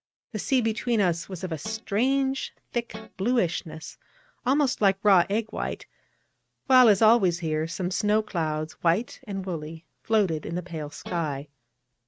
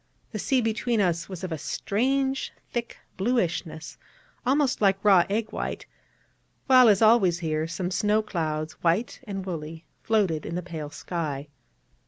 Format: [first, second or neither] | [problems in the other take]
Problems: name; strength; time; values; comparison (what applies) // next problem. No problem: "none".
second | noise reduction (neural mask model RNNoise)